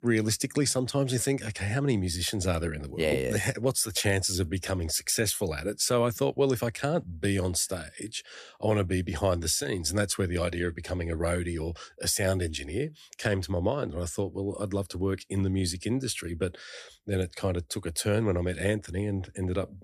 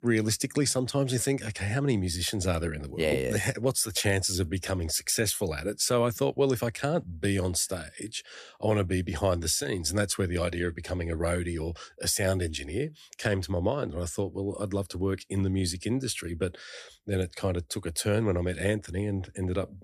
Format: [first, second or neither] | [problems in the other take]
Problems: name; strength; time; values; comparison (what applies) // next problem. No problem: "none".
neither | none